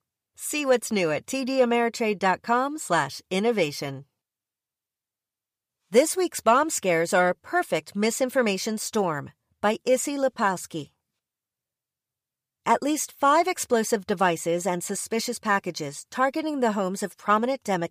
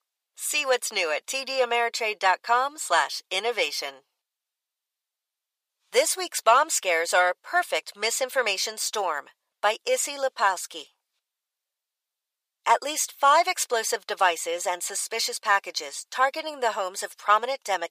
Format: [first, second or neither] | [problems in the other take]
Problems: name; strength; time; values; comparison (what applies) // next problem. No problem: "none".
first | thin; very; fading below 600 Hz